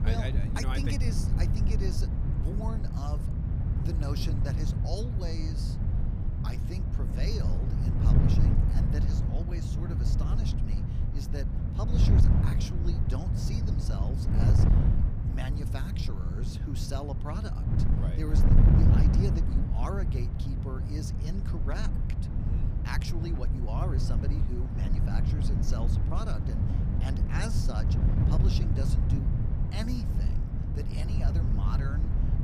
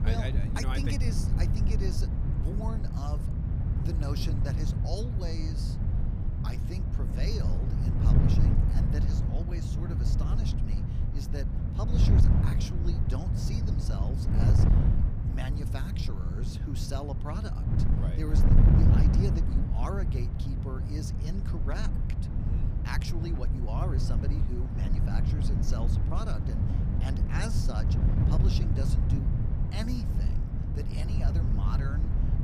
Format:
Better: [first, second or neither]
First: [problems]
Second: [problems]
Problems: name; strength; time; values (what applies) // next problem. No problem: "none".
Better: neither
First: wind noise on the microphone; heavy; 1 dB above the speech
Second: wind noise on the microphone; heavy; 1 dB above the speech